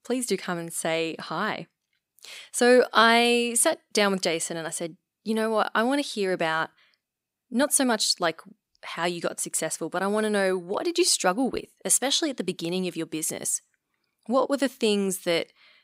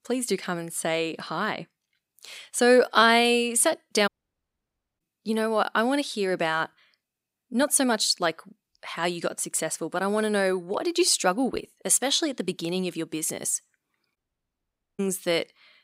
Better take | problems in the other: first | audio cutting out; at 4 s for 1 s and at 14 s for 1 s

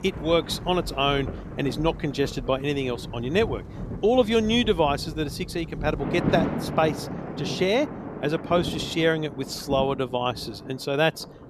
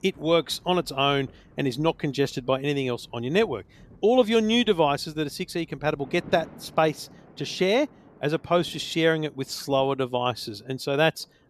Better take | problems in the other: second | rain or running water; loud; throughout; 8 dB below the speech; faint in the second

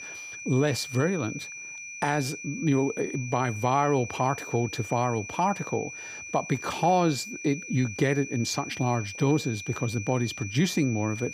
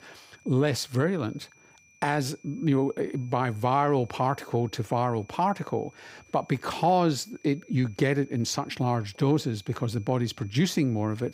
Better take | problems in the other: second | high-pitched whine; loud; throughout; 2.5 kHz, 10 dB below the speech; faint in the second

